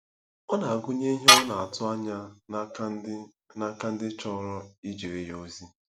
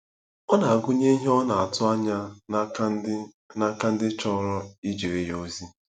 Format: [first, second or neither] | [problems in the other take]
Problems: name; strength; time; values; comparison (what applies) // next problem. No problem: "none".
second | background sound (Tools); 5 dB above the speech